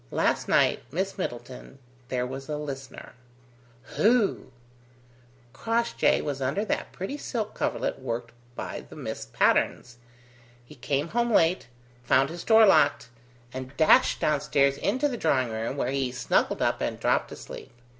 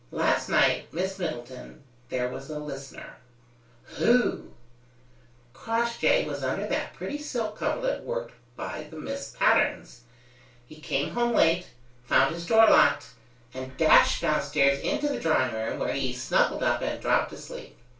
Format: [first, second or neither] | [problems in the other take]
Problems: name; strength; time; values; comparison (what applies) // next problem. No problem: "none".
first | room echo; dies away in 0.2 s